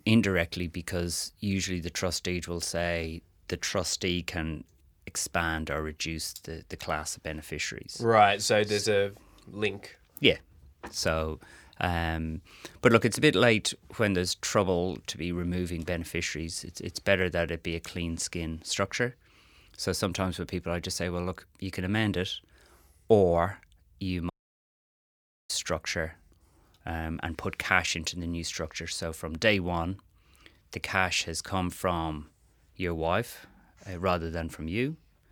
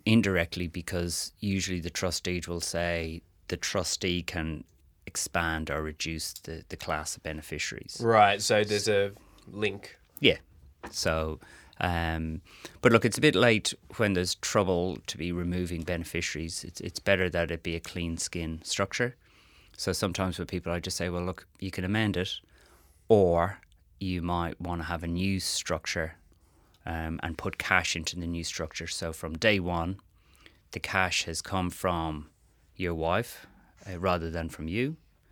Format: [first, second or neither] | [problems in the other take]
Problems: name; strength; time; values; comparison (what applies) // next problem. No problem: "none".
second | audio cutting out; at 24 s for 1 s